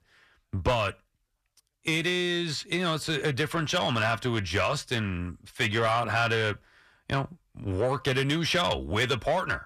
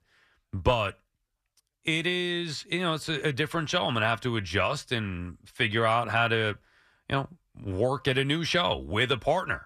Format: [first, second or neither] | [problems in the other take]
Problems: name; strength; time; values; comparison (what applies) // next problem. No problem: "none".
second | distortion; slight; 10 dB below the speech